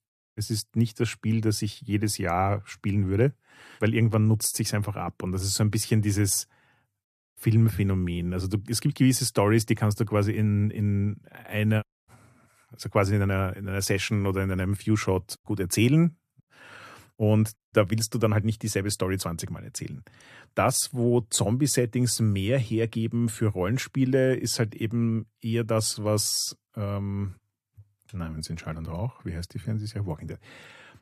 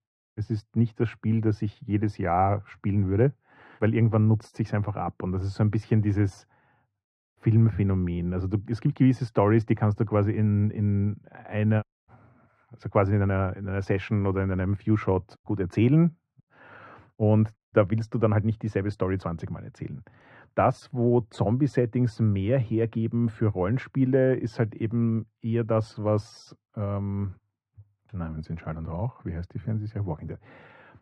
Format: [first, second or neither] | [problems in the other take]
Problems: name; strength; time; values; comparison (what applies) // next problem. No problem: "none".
first | muffled; very; fading above 1.5 kHz